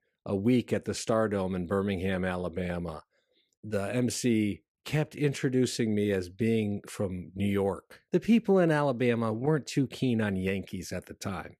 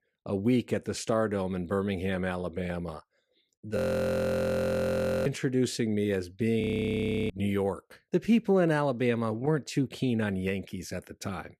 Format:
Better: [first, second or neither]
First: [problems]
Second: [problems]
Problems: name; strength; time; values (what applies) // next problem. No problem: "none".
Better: first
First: none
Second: audio freezing; at 4 s for 1.5 s and at 6.5 s for 0.5 s